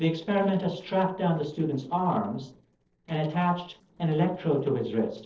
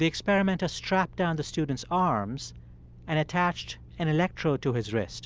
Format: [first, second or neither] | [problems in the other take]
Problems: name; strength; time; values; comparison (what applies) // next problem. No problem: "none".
second | noise reduction (neural separator model SepFormer DNS4)